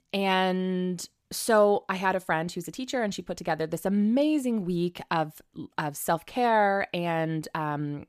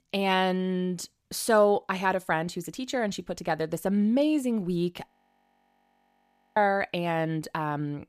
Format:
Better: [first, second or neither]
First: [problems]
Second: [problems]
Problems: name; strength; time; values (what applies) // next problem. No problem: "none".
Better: first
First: none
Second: audio freezing; at 5 s for 1.5 s